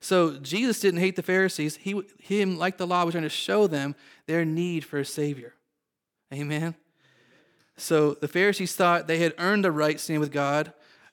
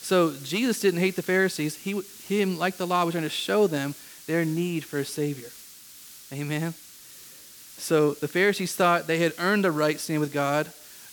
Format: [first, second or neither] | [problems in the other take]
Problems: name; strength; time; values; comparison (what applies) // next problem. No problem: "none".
first | hiss; noticeable; throughout; 20 dB below the speech